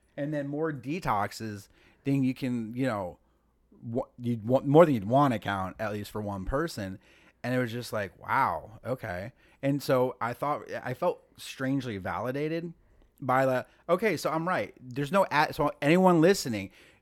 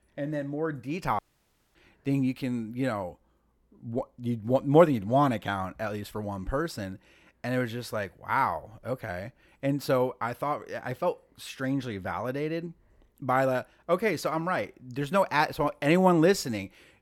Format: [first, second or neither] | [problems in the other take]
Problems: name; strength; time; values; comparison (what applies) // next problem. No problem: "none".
first | audio cutting out; at 1 s for 0.5 s